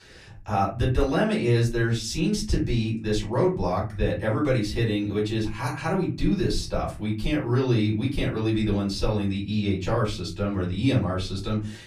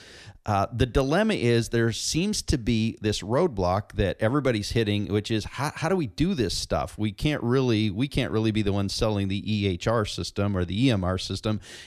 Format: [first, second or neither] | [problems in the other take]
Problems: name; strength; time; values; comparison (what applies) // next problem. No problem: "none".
second | room echo; slight; dies away in 0.3 s // off-mic speech; far